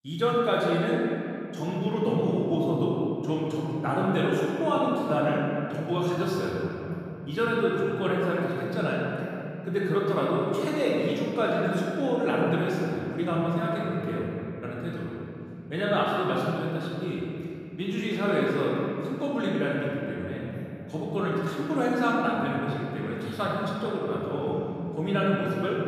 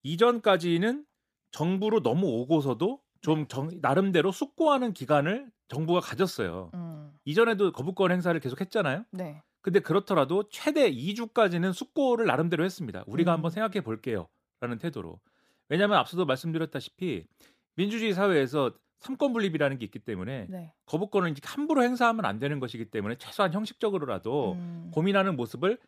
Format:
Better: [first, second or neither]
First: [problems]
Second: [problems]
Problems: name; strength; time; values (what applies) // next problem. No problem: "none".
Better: second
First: room echo; strong; dies away in 2.9 s // off-mic speech; far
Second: none